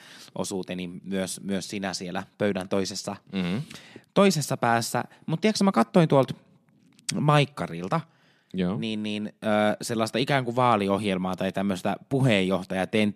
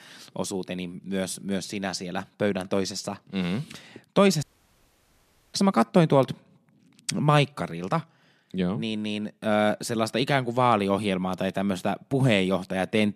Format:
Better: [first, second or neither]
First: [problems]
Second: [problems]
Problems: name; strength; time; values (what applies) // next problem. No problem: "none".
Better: first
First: none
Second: audio cutting out; at 4.5 s for 1 s